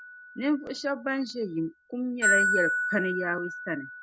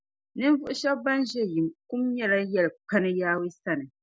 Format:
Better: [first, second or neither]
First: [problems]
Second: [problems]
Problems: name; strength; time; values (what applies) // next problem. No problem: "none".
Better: second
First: background sound (Glockenspiel); as loud as the speech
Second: none